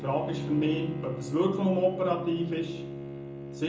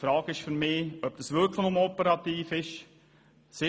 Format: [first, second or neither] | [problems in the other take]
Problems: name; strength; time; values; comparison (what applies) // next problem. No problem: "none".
second | background sound (Bowed string instrument); 7 dB below the speech // room echo; dies away in 0.5 s